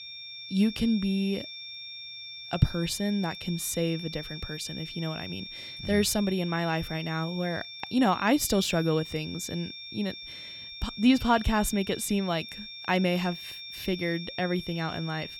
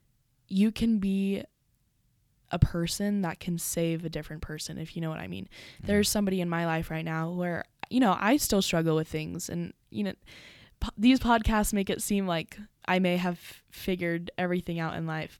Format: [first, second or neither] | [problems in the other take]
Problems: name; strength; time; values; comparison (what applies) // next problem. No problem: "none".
second | high-pitched whine; noticeable; throughout; 3.5 kHz, 10 dB below the speech